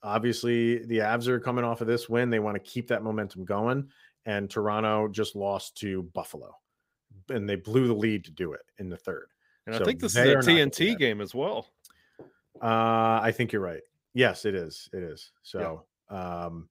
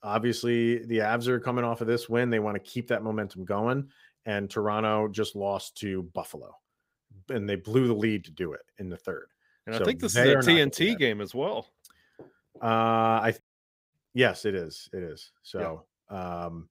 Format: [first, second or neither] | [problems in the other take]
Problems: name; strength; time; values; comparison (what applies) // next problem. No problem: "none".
first | audio cutting out; at 13 s for 0.5 s